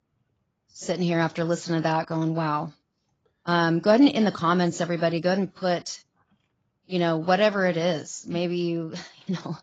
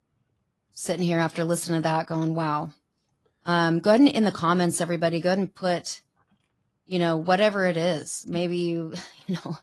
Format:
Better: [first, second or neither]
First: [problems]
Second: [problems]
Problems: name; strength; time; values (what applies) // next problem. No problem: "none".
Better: second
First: garbled, watery; badly; nothing above 7.5 kHz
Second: garbled, watery; slightly; nothing above 11 kHz